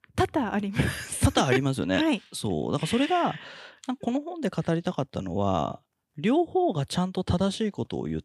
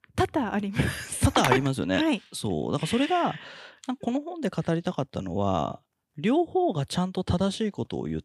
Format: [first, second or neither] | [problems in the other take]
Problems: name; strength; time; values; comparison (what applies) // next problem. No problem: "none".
first | phone ringing; noticeable; at 1.5 s; peak level with the speech